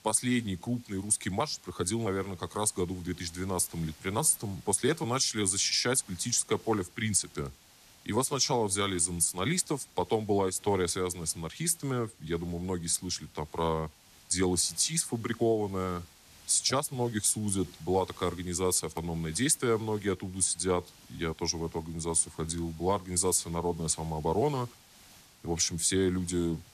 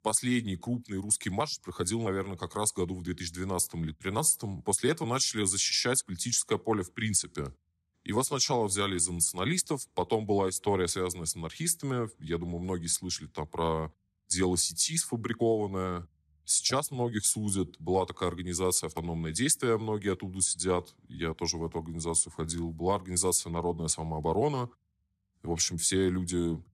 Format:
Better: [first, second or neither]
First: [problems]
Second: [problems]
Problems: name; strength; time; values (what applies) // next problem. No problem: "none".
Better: second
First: hiss; faint; throughout; 25 dB below the speech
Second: none